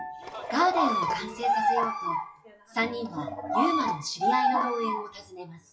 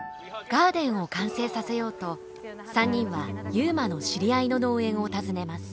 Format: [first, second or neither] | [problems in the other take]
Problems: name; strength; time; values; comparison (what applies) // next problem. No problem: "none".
second | noise reduction (classical method WPE with log-MMSE)